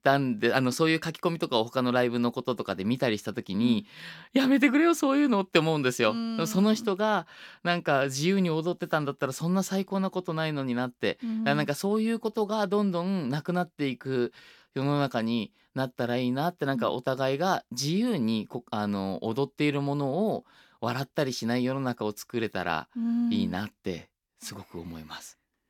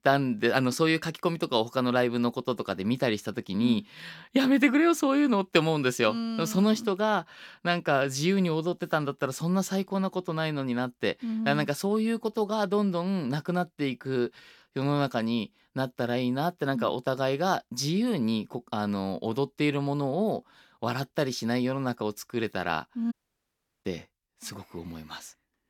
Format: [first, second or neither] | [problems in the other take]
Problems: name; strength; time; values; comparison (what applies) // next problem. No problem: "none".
first | audio cutting out; at 23 s for 0.5 s